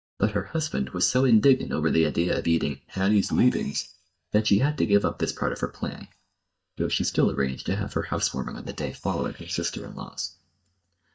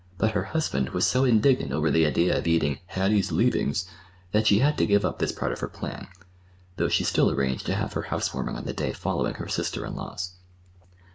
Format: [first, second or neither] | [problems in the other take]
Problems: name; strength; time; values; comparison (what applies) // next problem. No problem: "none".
second | noise reduction (neural mask model DeepFilterNet 3)